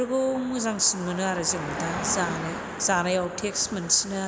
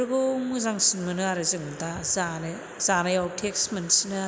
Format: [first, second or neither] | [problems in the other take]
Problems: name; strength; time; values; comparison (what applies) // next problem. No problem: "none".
second | background sound (Car passing by); 9 dB below the speech